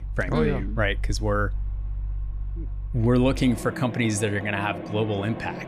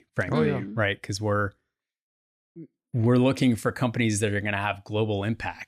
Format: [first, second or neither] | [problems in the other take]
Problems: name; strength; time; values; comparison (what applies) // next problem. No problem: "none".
second | machinery noise; loud; throughout; 9 dB below the speech